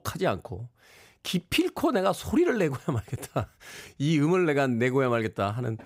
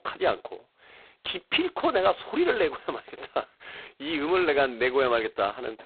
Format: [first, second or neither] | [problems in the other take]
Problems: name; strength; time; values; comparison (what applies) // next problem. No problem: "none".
first | phone-call audio; poor line; nothing above 4 kHz